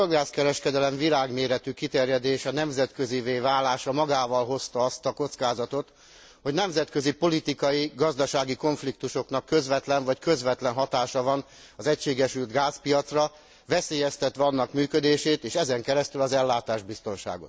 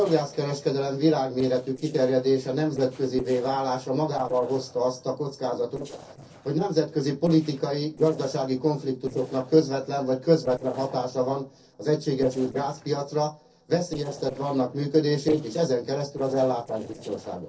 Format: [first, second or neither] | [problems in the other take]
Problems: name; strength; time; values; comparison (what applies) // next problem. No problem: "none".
first | noise reduction (neural separator model SepFormer DNS4)